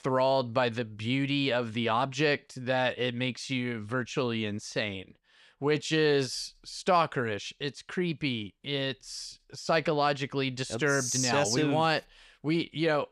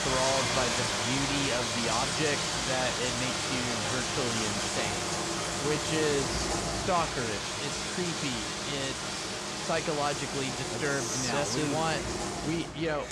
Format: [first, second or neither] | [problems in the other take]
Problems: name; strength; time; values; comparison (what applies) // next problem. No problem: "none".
first | household noises; very loud; throughout; 2 dB above the speech